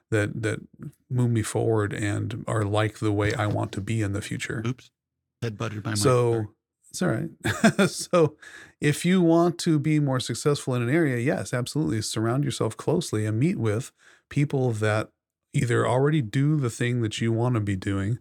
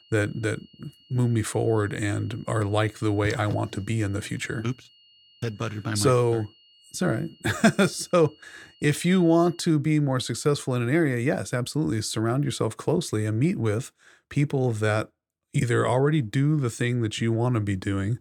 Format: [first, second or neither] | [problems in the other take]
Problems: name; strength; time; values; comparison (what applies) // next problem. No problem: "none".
first | high-pitched whine; faint; until 9.5 s; 3 kHz, 30 dB below the speech